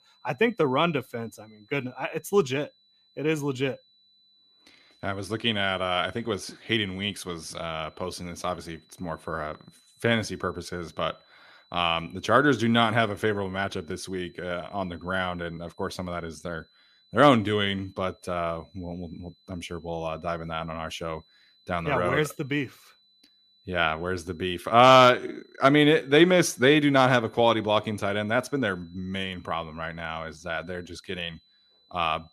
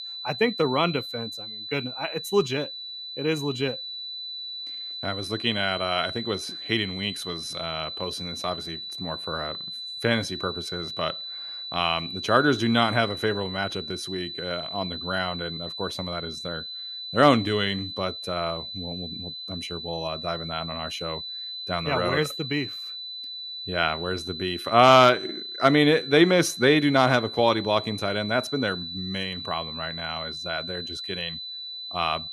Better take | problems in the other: first | high-pitched whine; loud; throughout; 4 kHz, 8 dB below the speech; faint in the first

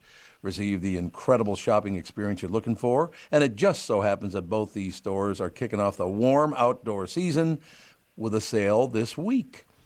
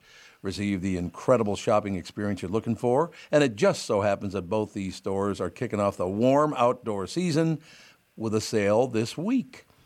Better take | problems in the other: second | garbled, watery; slightly; nothing above 19 kHz

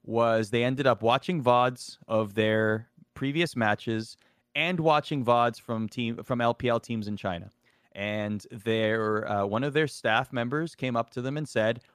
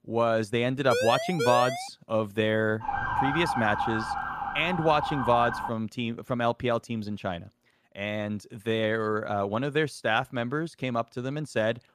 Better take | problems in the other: first | siren; noticeable; at 1 s; peak level with the speech // siren; loud; from 3 to 5.5 s; peak level with the speech

